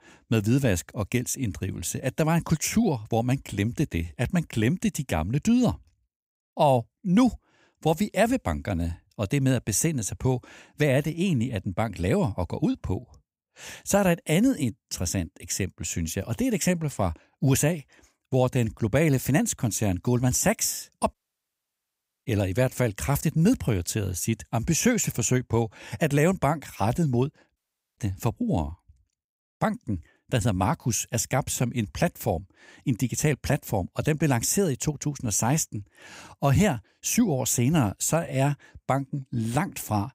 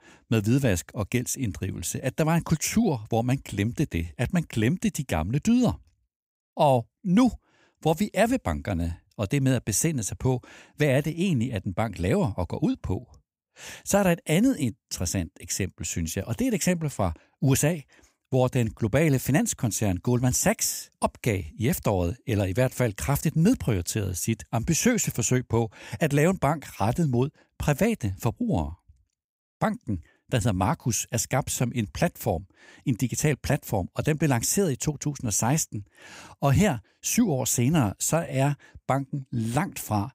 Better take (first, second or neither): second